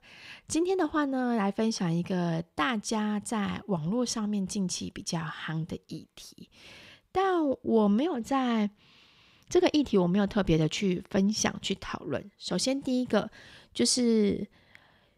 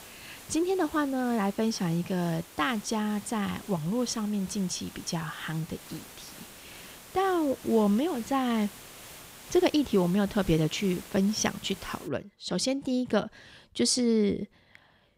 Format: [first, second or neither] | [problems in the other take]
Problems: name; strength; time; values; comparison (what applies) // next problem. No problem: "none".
first | hiss; noticeable; until 12 s; 15 dB below the speech